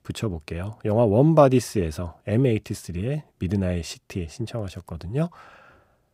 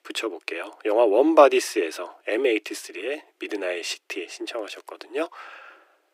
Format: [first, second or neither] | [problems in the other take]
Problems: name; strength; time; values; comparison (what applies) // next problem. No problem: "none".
first | thin; very; fading below 300 Hz